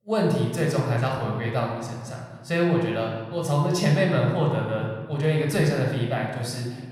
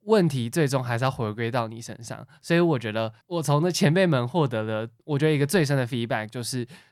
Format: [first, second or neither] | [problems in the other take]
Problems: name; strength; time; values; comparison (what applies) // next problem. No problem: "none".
second | room echo; noticeable; dies away in 1.3 s // off-mic speech; somewhat distant